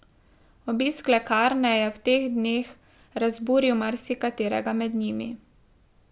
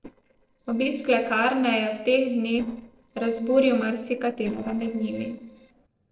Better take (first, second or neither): first